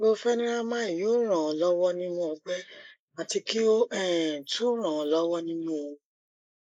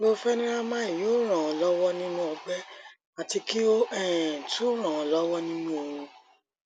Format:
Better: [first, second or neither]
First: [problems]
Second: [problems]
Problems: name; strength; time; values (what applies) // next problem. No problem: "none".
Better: second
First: noise reduction (neural mask model Resemble Enhance denoiser)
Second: none